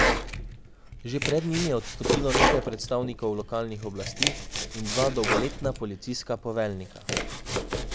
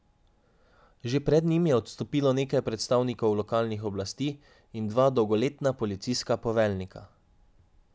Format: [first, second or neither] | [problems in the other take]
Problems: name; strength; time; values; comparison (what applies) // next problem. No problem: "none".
second | background sound (Domestic sounds, home sounds); 1 dB above the speech